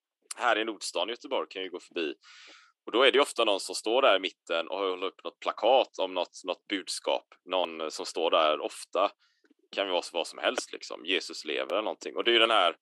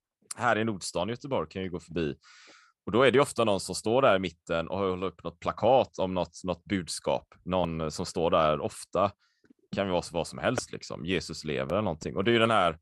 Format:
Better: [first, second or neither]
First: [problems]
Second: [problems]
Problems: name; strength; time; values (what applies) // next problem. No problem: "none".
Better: second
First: thin; somewhat; fading below 300 Hz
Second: none